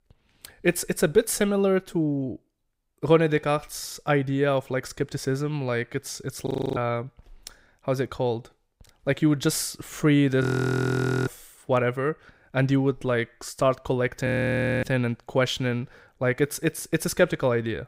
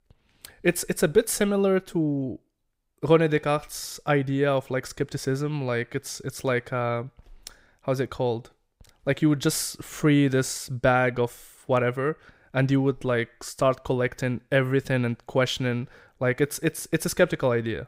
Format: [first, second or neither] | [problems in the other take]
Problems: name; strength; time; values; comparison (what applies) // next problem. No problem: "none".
second | audio freezing; at 6.5 s, at 10 s for 1 s and at 14 s for 0.5 s